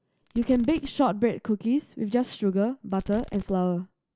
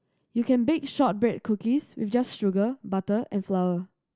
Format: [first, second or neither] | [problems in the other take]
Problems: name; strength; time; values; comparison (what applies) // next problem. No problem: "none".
second | background sound (Fireworks); 17 dB below the speech